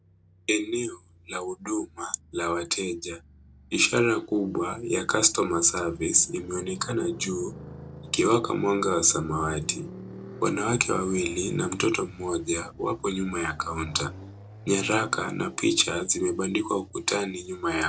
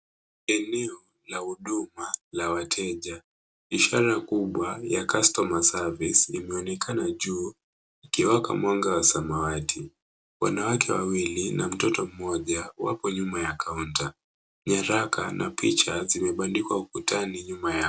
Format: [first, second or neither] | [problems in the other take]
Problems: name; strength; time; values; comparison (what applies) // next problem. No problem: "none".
second | background sound (Motorcycle); 18 dB below the speech